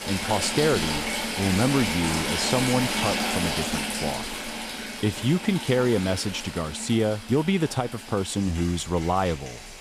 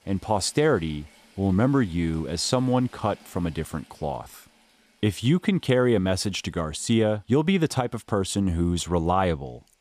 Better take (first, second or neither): second